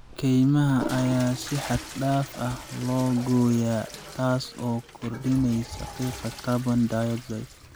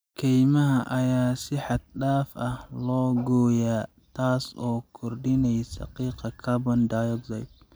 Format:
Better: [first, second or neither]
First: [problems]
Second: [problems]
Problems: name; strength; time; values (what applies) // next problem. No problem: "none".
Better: second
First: background sound (Toilet flush / Water); 14 dB below the speech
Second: none